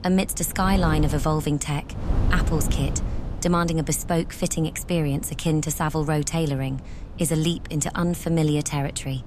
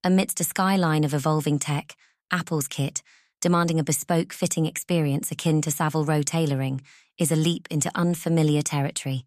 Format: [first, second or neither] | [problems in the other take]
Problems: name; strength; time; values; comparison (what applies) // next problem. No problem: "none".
second | wind noise on the microphone; occasional gusts; 15 dB below the speech